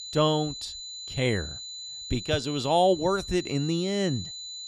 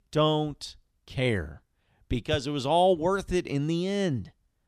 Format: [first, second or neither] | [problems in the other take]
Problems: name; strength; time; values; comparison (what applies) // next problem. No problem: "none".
second | high-pitched whine; loud; throughout; 4 kHz, 10 dB below the speech